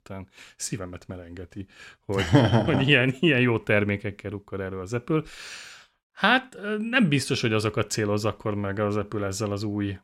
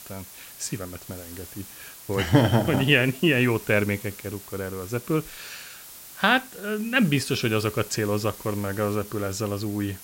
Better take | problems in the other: first | hiss; noticeable; throughout; 15 dB below the speech

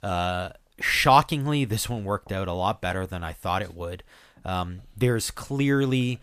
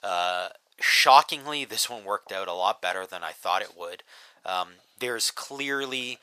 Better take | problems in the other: first | thin; very; fading below 700 Hz

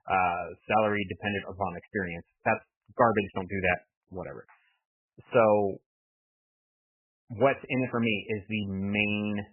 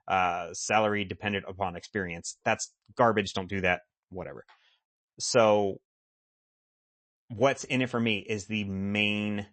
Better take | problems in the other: second | garbled, watery; badly; nothing above 3 kHz; slightly in the second

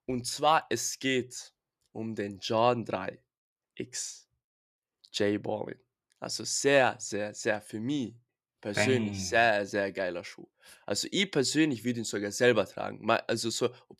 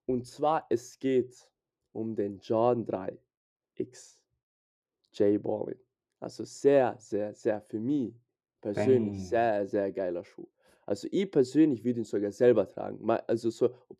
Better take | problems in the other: first | muffled; slightly; fading above 1 kHz

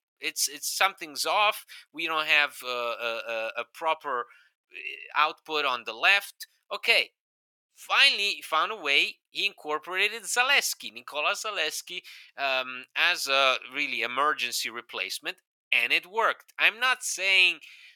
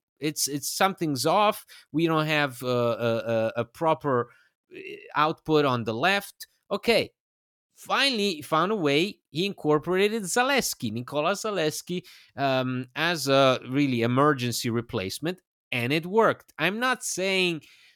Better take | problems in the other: second | thin; very; fading below 800 Hz

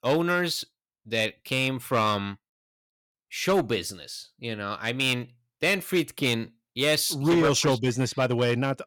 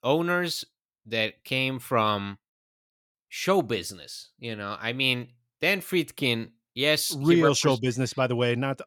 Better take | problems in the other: second | distortion; slight; 4% of the sound clipped

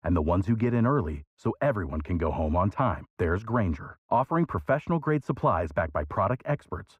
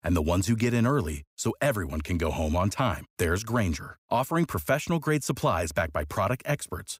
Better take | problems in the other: second | muffled; very; fading above 3.5 kHz

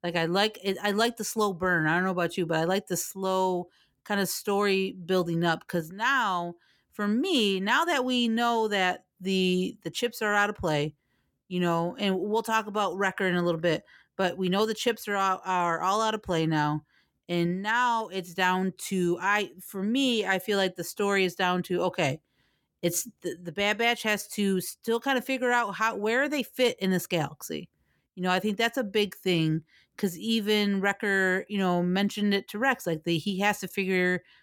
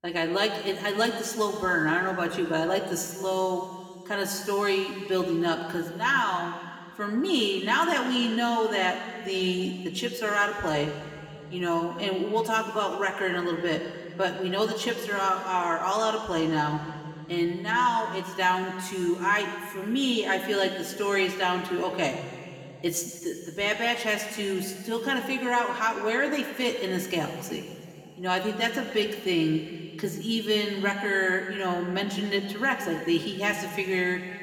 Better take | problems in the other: first | room echo; slight; dies away in 2.3 s

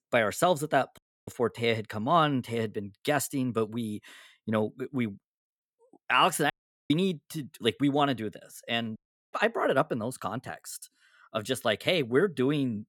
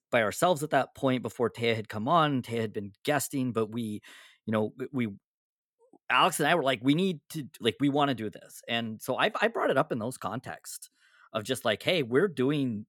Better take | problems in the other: second | audio cutting out; at 1 s, at 6.5 s and at 9 s

